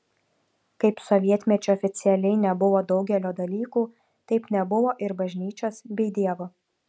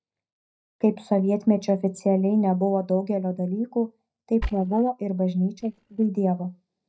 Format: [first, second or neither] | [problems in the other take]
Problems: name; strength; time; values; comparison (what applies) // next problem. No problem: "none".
first | noise reduction (neural mask model DeepFilterNet 3)